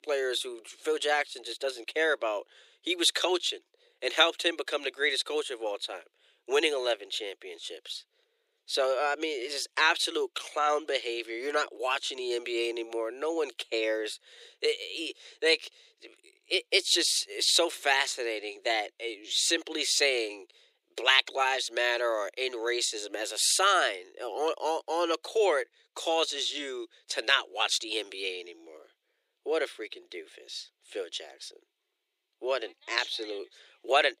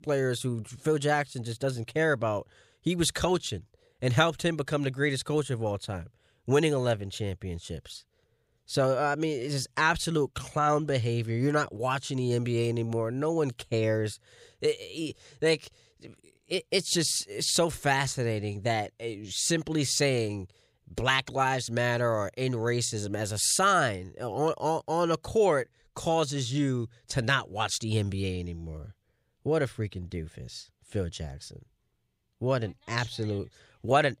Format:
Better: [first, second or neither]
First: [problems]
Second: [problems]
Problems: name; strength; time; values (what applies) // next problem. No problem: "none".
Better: second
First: thin; very; fading below 350 Hz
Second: none